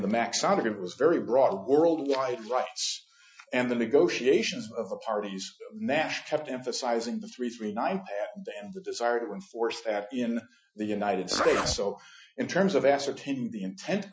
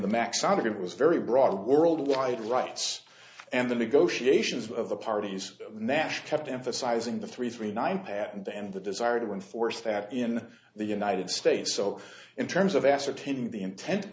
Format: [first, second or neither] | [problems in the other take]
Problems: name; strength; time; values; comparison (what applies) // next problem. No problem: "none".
second | noise reduction (classical method Wiener filter)